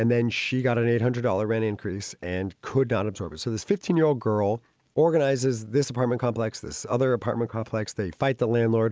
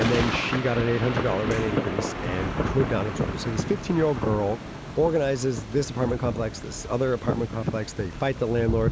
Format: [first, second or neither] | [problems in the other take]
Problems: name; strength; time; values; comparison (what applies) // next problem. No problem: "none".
first | background sound (Wind + Thunder / Rain); 4 dB below the speech